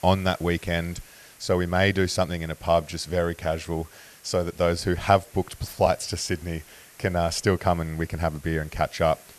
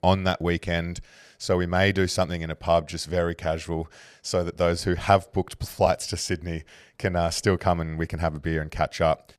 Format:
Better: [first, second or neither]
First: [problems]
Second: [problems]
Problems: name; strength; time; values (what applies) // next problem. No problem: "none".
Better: second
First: hiss; faint; throughout; 25 dB below the speech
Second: none